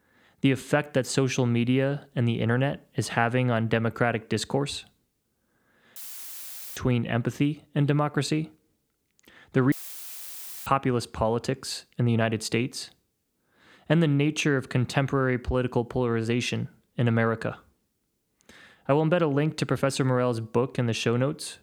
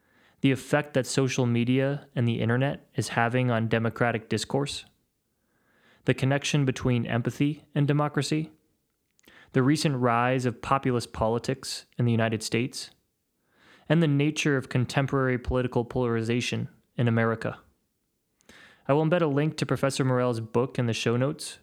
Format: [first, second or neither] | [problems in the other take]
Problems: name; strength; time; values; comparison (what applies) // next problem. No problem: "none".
second | audio cutting out; filled with static; at 6 s for 1 s and at 9.5 s for 1 s